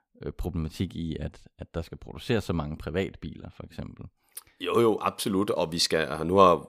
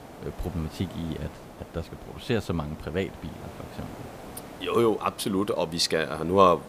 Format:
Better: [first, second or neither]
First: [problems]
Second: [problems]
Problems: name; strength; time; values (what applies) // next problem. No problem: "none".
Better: first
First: none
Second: hiss; noticeable; throughout; 15 dB below the speech